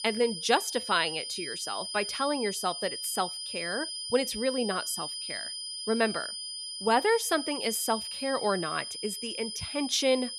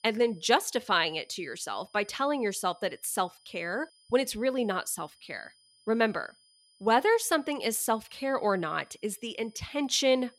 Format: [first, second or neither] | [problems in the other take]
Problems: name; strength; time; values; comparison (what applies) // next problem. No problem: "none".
second | high-pitched whine; loud; throughout; 5 kHz, 5 dB below the speech; faint in the second